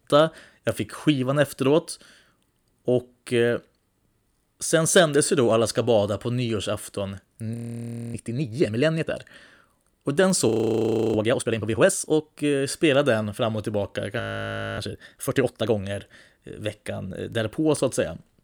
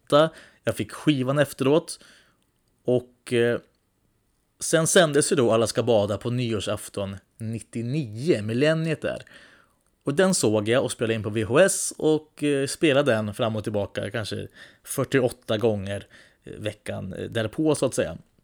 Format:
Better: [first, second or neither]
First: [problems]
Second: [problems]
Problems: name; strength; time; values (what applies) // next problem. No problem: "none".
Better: second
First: audio freezing; at 7.5 s for 0.5 s, at 10 s for 0.5 s and at 14 s for 0.5 s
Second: none